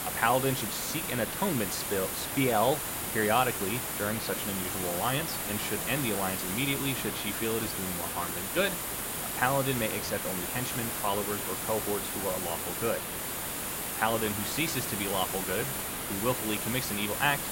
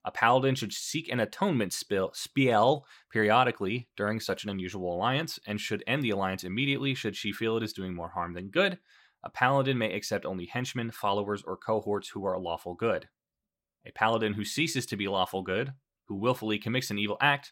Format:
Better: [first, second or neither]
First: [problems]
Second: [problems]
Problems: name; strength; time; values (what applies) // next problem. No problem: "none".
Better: second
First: hiss; loud; throughout; as loud as the speech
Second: none